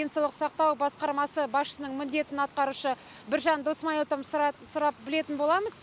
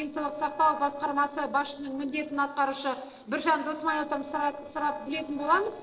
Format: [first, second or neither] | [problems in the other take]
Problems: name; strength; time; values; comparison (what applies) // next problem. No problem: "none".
first | noise reduction (neural separator model SepFormer DNS4)